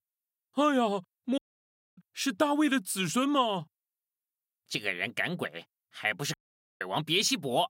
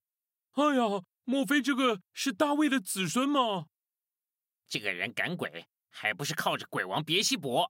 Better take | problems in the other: second | audio cutting out; at 1.5 s for 0.5 s and at 6.5 s

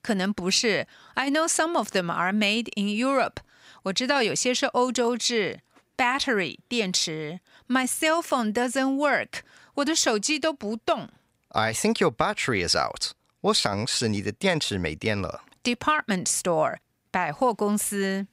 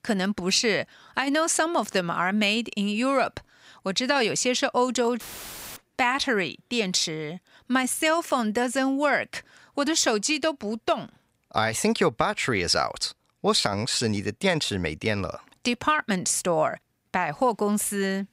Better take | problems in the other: first | audio cutting out; filled with static; at 5 s for 0.5 s

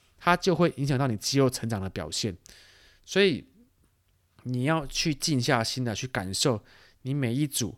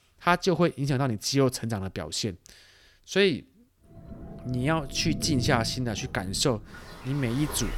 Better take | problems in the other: first | rain or running water; noticeable; from 4 s on; 10 dB below the speech

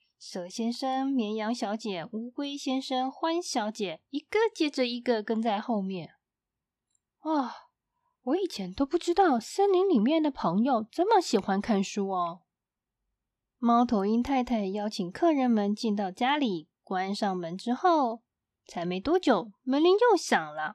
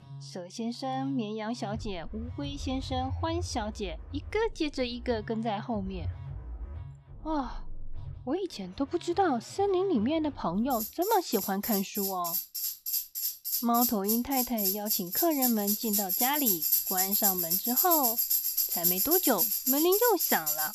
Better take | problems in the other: first | background music; very loud; throughout; 3 dB above the speech

